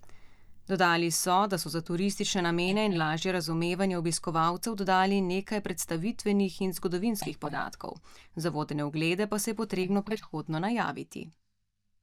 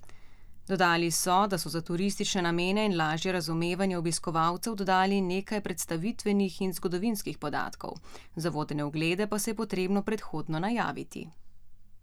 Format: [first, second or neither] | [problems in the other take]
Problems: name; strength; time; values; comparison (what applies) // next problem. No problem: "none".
second | noise reduction (neural mask model DeepFilterNet 3)